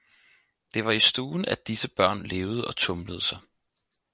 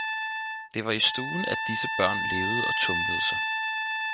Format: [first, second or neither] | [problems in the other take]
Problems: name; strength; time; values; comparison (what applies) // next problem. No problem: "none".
first | background sound (Trumpet); 2 dB above the speech